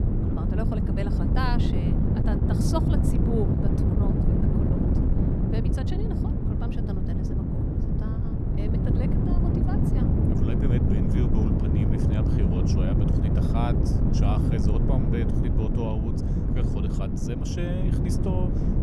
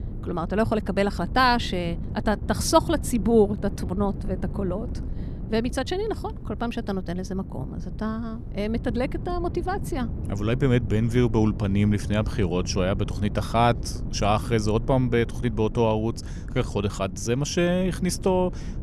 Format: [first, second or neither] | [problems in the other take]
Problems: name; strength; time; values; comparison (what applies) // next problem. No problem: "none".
second | wind noise on the microphone; heavy; 3 dB above the speech; occasional gusts in the second